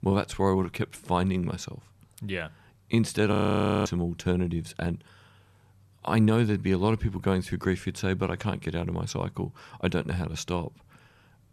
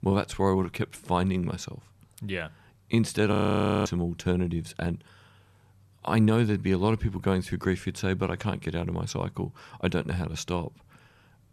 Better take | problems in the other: neither | audio freezing; at 3.5 s for 0.5 s; the same in both

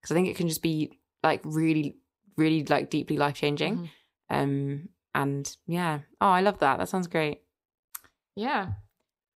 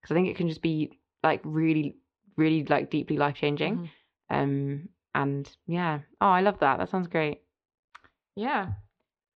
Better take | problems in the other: first | muffled; slightly; fading above 3.5 kHz

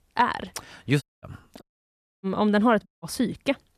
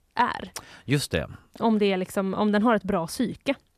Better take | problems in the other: second | audio cutting out; at 1 s, at 1.5 s for 0.5 s and at 3 s

